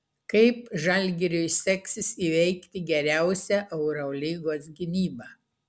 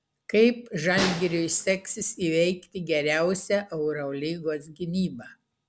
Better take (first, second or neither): first